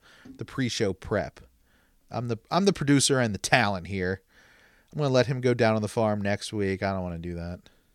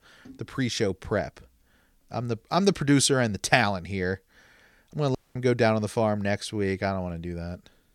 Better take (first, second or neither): first